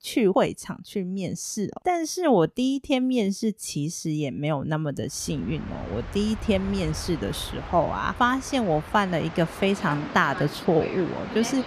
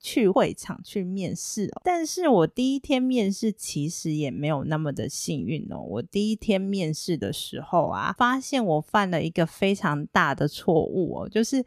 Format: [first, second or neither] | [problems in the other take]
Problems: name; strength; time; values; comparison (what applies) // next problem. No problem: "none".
second | train or aircraft noise; noticeable; from 5.5 s on; 10 dB below the speech